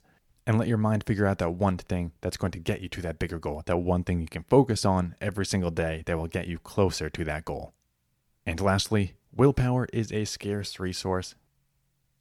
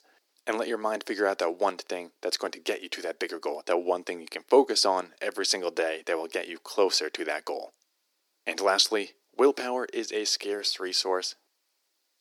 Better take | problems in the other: first | thin; very; fading below 300 Hz

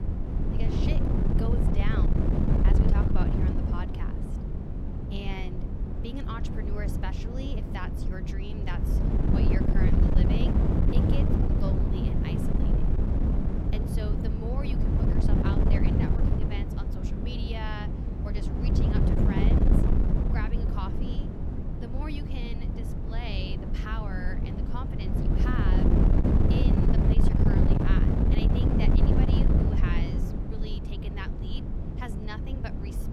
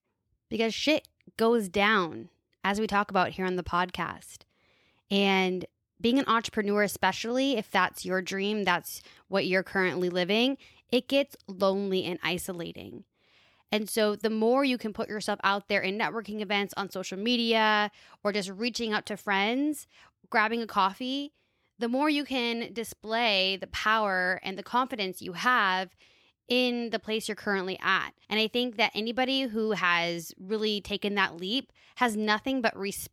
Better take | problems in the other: second | wind noise on the microphone; heavy; 4 dB above the speech

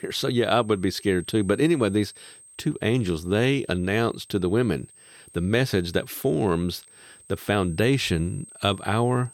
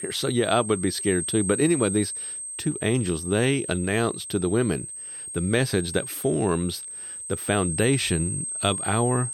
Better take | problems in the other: first | high-pitched whine; loud; throughout; 8.5 kHz, 6 dB below the speech; faint in the first

